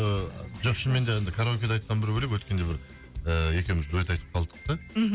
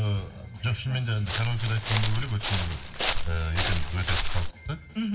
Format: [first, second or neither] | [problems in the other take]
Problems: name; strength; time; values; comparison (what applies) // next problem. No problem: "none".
first | background sound (Walk, footsteps); as loud as the speech // room echo; dies away in 1.3 s